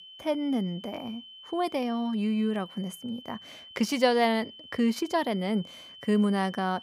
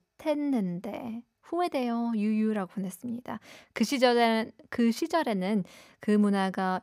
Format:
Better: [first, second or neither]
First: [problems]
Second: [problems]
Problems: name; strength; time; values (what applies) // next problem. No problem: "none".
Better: second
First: high-pitched whine; noticeable; throughout; 3 kHz, 15 dB below the speech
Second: none